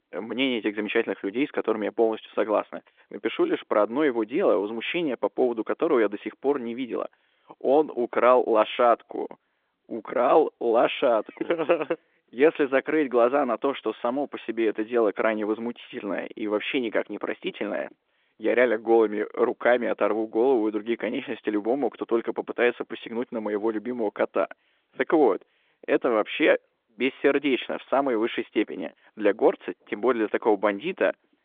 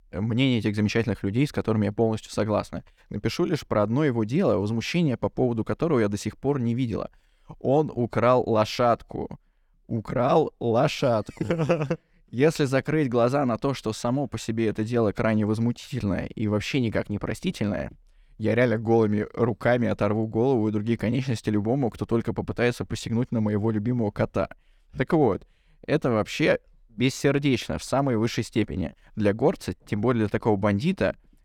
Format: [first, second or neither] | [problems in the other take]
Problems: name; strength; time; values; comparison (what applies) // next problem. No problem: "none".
second | phone-call audio; nothing above 3.5 kHz